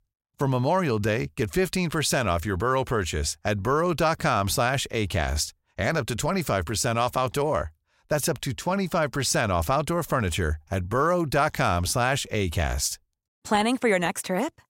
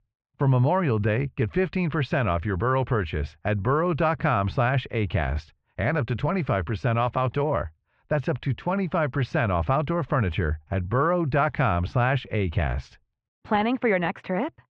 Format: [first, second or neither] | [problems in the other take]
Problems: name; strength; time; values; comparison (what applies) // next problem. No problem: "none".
first | muffled; very; fading above 3 kHz